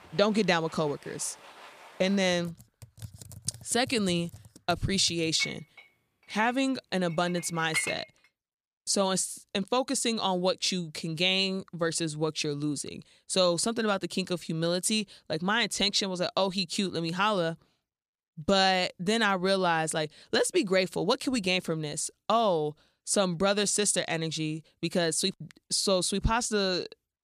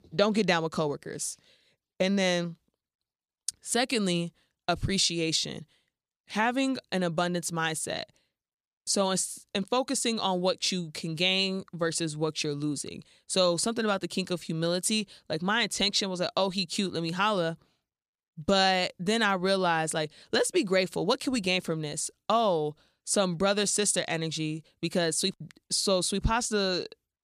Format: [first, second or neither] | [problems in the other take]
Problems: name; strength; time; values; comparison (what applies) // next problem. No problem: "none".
second | household noises; noticeable; until 8 s; 15 dB below the speech